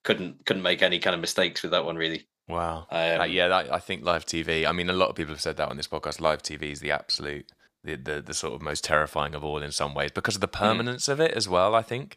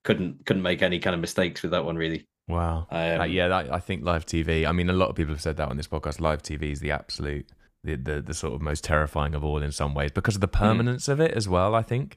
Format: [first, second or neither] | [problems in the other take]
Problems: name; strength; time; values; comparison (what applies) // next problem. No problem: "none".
second | thin; somewhat; fading below 500 Hz